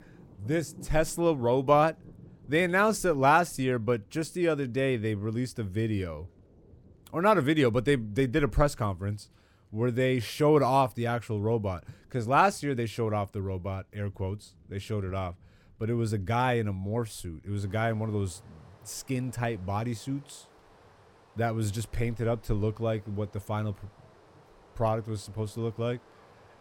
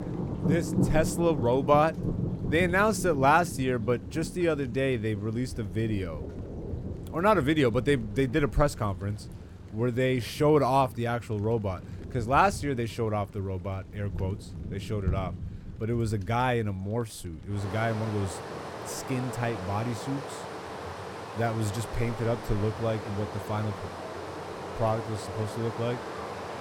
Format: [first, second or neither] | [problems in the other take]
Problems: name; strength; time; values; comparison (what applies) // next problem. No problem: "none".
first | rain or running water; loud; throughout; 9 dB below the speech; faint in the first